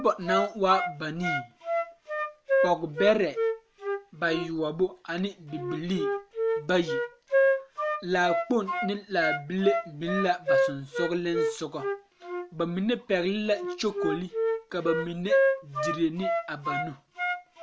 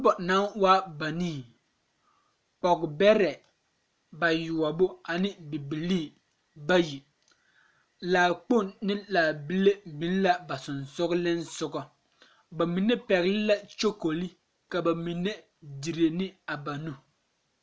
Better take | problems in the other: second | background sound (Wind instrument, woodwind instrument); as loud as the speech

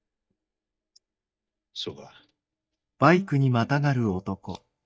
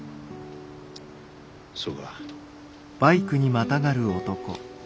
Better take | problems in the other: second | noise reduction (neural mask model DeepFilterNet 3)

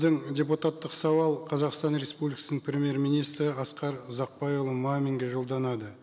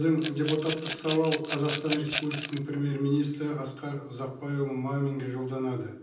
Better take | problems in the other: first | background sound (Rattle / Glass); 7 dB below the speech // room echo; dies away in 0.6 s

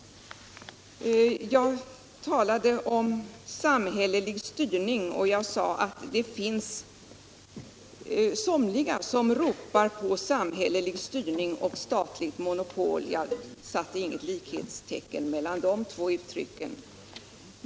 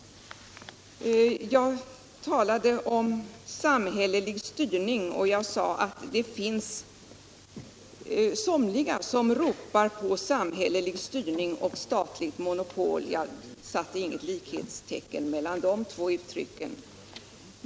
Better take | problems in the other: second | background sound (Cowbell); 13 dB below the speech

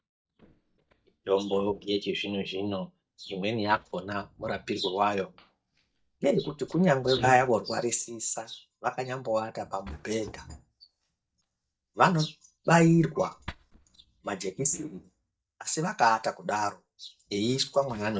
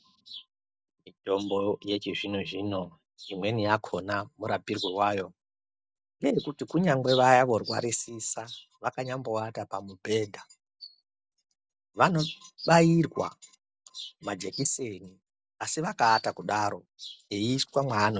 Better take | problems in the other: second | noise reduction (neural mask model DeepFilterNet 3)

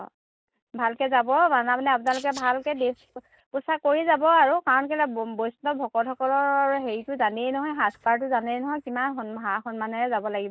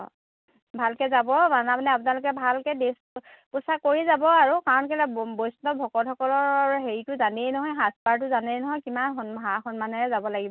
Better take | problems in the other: second | noise reduction (neural mask model DeepFilterNet 3)

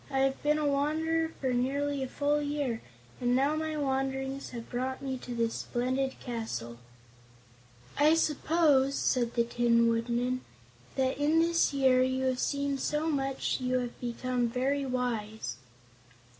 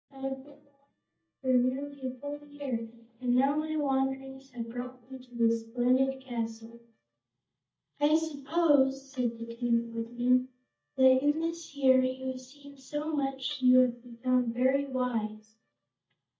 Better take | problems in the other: first | noise reduction (neural mask model DeepFilterNet 3)

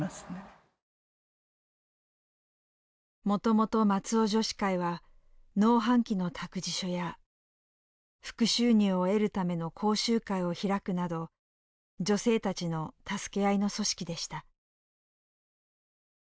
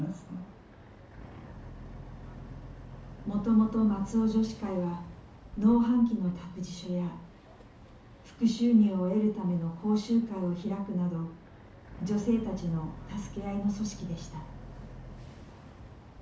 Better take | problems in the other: first | background sound (Boat, Water vehicle); 16 dB below the speech // room echo; dies away in 0.9 s

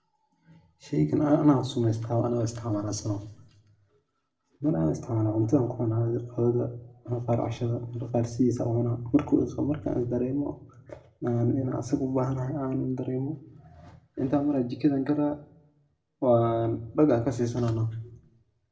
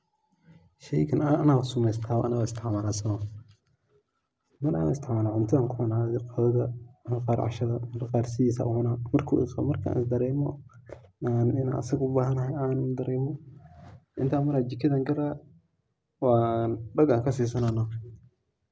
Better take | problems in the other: second | room echo; dies away in 0.4 s

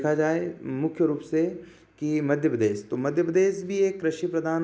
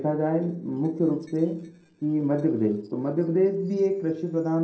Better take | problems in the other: first | noise reduction (neural separator model SepFormer DNS4)

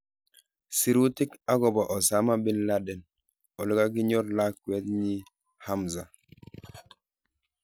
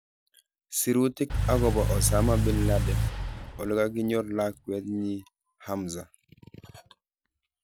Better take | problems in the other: first | background sound (Engine / Car); 2 dB above the speech

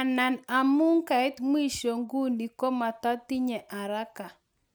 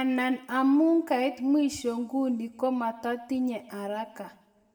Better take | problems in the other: first | room echo; dies away in 1.1 s

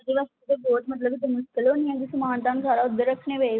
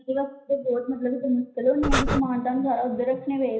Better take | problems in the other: first | background sound (Breathing); 3 dB above the speech // room echo; dies away in 0.5 s

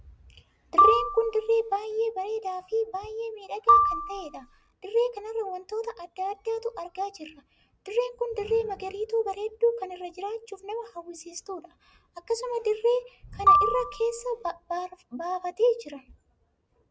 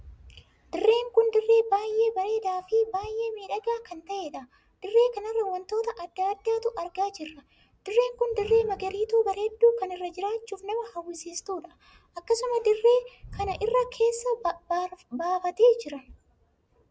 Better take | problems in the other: second | background sound (Marimba, xylophone); 3 dB above the speech

